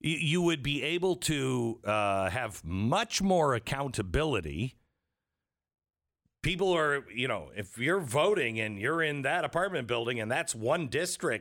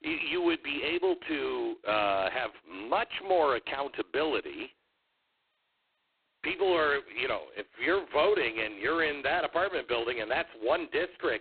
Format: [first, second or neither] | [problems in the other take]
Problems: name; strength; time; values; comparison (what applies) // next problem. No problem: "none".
first | phone-call audio; poor line; nothing above 4 kHz